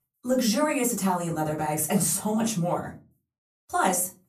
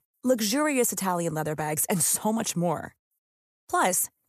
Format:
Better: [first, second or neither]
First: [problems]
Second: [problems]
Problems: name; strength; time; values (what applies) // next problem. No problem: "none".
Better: second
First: off-mic speech; far // room echo; very slight; dies away in 0.3 s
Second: none